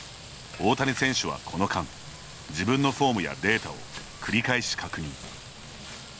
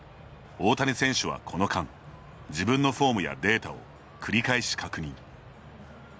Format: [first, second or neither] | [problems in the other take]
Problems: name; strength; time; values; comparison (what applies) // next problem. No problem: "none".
second | background sound (Frying (food)); 15 dB below the speech